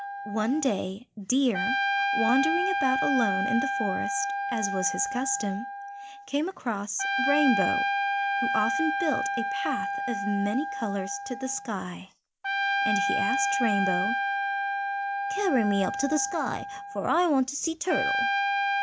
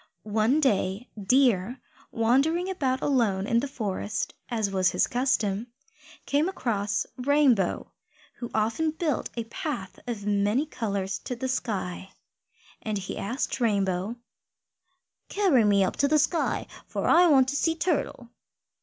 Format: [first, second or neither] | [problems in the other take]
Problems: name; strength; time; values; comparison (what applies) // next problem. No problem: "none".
second | background sound (Trumpet); as loud as the speech